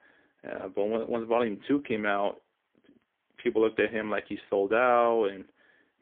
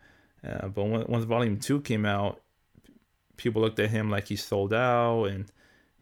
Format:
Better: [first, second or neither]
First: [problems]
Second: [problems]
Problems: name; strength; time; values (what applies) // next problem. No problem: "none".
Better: second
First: phone-call audio; poor line; nothing above 3.5 kHz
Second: none